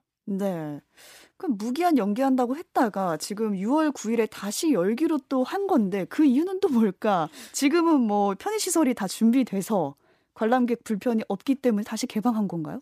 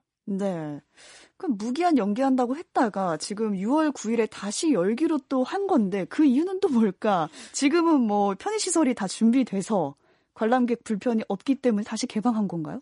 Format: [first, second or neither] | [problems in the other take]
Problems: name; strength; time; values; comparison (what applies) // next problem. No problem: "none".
first | garbled, watery; slightly; nothing above 10.5 kHz